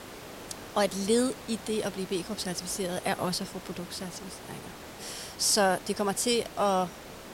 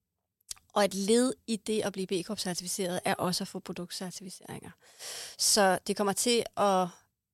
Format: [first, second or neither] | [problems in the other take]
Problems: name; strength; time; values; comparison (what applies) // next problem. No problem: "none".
second | hiss; noticeable; throughout; 15 dB below the speech